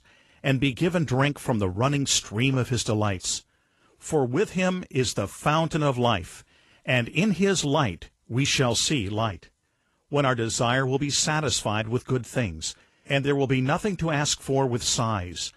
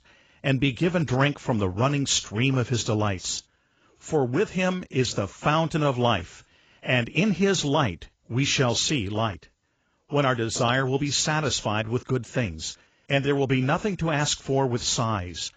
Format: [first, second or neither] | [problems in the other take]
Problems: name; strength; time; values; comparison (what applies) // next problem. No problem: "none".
first | garbled, watery; badly; nothing above 7.5 kHz; slightly in the first